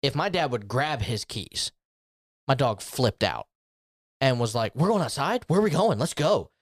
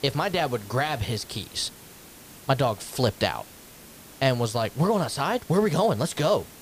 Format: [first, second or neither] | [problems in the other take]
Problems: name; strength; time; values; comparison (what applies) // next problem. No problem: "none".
first | hiss; noticeable; throughout; 20 dB below the speech